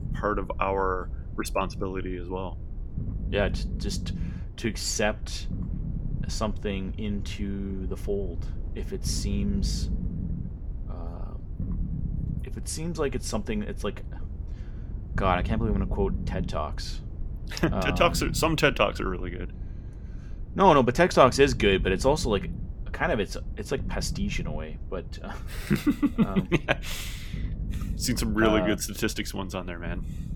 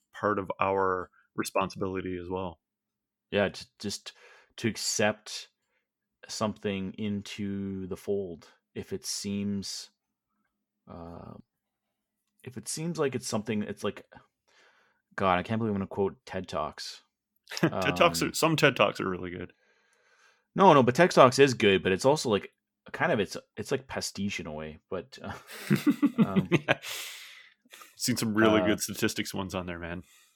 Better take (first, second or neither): second